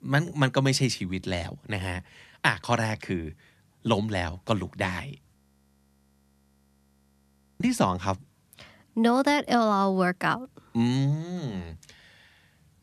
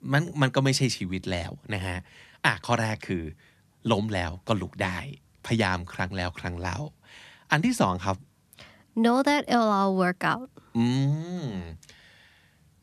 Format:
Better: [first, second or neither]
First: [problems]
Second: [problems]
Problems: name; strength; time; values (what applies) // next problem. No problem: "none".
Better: second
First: audio freezing; at 5.5 s for 2.5 s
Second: none